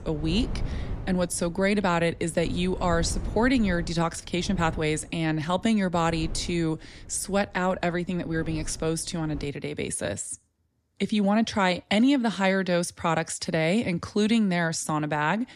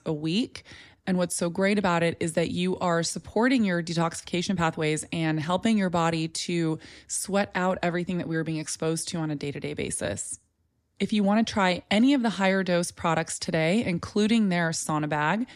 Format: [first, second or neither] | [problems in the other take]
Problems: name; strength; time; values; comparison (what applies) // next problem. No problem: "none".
second | wind noise on the microphone; occasional gusts; until 9.5 s; 20 dB below the speech